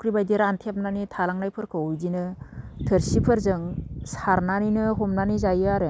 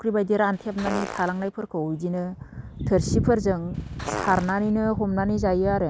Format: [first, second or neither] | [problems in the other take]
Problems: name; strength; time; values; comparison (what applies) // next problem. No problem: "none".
first | background sound (Fart); 10 dB below the speech